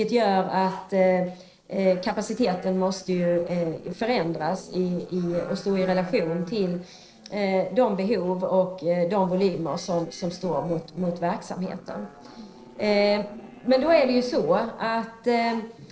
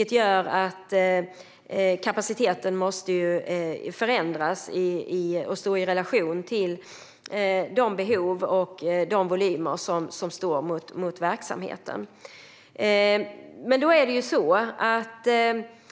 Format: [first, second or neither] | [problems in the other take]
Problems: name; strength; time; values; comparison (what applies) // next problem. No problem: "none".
second | noise reduction (neural separator model SepFormer DNS4)